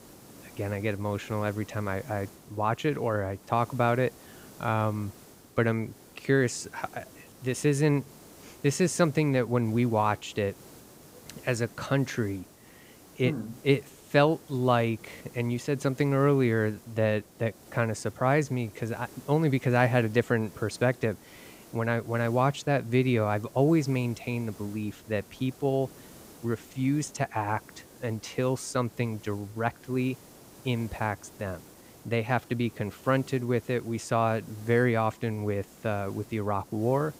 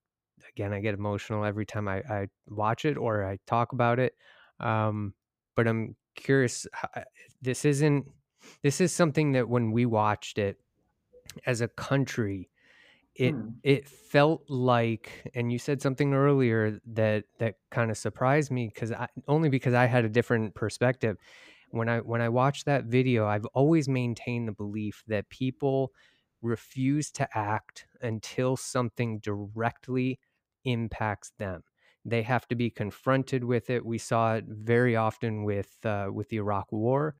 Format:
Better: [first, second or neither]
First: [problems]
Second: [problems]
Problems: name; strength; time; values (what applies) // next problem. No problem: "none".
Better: second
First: hiss; faint; throughout; 20 dB below the speech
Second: none